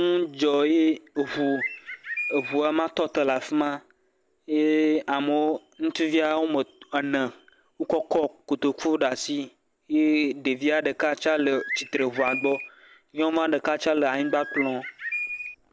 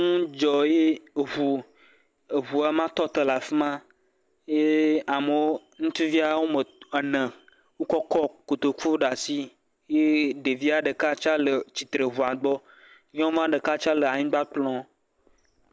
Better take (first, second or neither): second